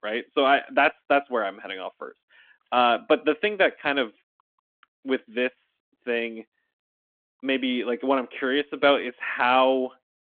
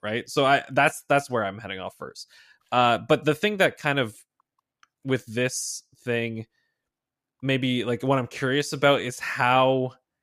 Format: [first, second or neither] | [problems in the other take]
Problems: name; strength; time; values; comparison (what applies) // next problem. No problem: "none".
second | phone-call audio; nothing above 3.5 kHz